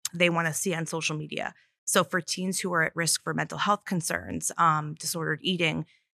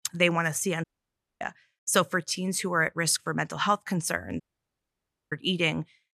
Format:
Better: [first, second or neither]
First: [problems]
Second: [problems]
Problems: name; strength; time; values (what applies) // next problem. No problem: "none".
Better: first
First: none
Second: audio cutting out; at 1 s for 0.5 s and at 4.5 s for 1 s